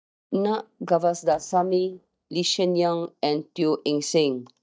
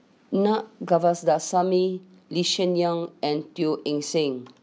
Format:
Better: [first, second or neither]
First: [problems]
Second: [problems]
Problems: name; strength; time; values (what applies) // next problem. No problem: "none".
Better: second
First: noise reduction (neural mask model DeepFilterNet 3)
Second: none